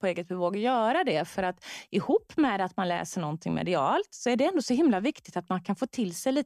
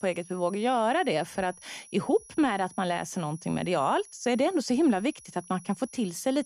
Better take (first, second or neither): first